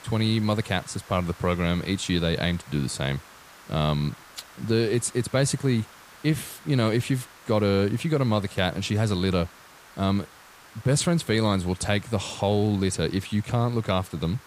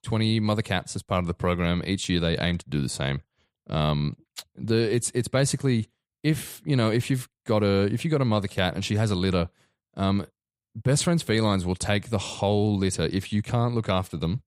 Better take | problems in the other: second | hiss; faint; throughout; 20 dB below the speech

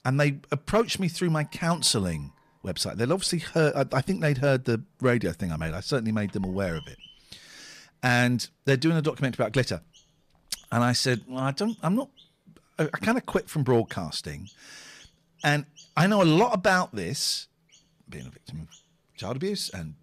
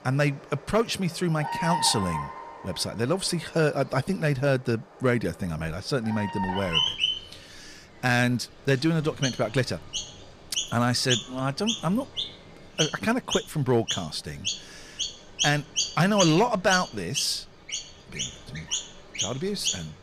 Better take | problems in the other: first | animal sounds; loud; throughout; 4 dB below the speech; faint in the first

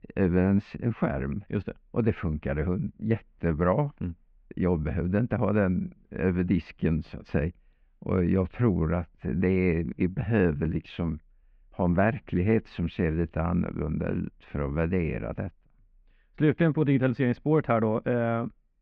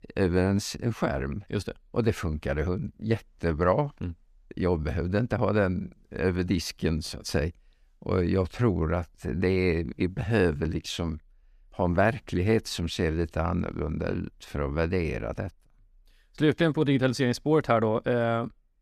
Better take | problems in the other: second | muffled; very; fading above 2.5 kHz

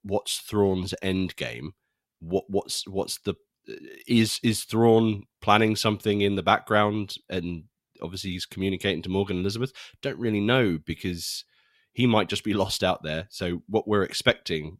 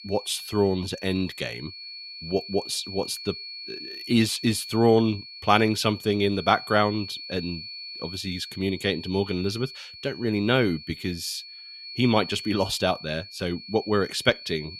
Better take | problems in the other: first | high-pitched whine; noticeable; throughout; 4.5 kHz, 10 dB below the speech

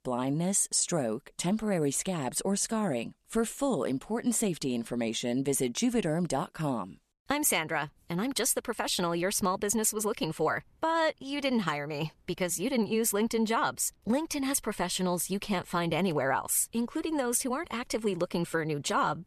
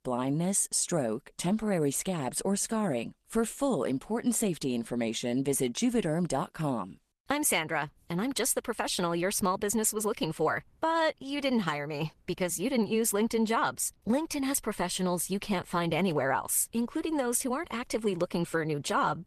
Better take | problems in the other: first | garbled, watery; slightly; nothing above 13.5 kHz

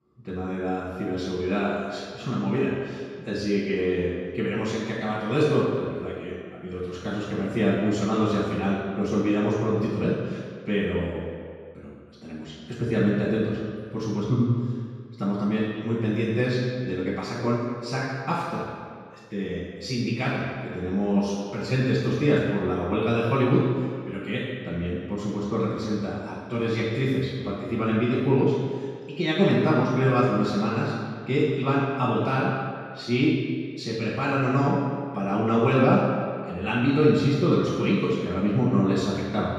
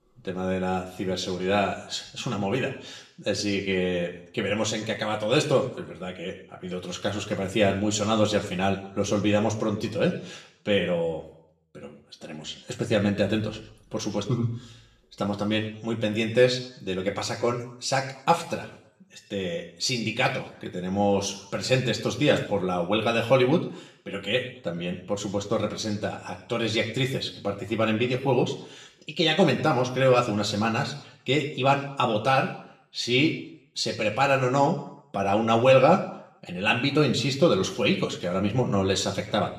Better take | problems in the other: second | room echo; strong; dies away in 2 s; slight in the second // off-mic speech; far; somewhat distant in the second

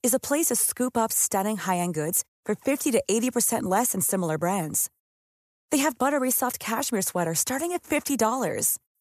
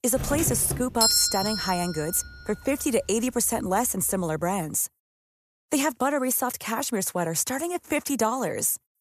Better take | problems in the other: first | doorbell; loud; until 2.5 s; peak 6 dB above the speech

